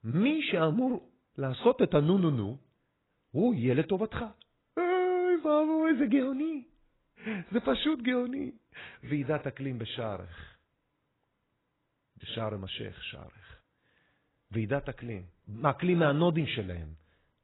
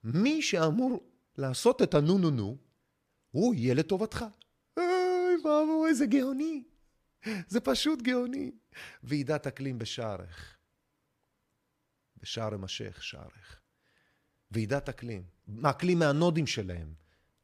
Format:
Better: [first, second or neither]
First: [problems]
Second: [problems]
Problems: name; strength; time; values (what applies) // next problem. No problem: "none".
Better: second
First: garbled, watery; badly; nothing above 4 kHz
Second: none